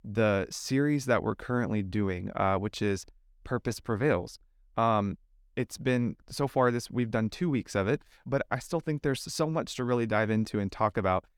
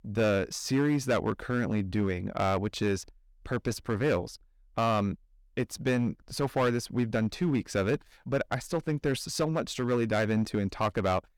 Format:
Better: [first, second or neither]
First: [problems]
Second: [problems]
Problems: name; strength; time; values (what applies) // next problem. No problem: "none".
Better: first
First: none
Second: distortion; slight; 5% of the sound clipped